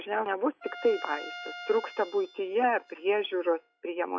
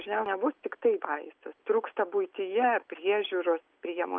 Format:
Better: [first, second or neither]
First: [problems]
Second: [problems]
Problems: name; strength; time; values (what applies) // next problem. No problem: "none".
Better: second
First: noise reduction (classical method log-MMSE)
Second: none